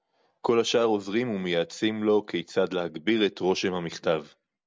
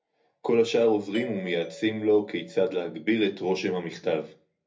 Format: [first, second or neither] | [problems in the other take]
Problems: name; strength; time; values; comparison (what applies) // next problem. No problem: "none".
first | background sound (Doorbell); 18 dB below the speech // room echo; dies away in 0.3 s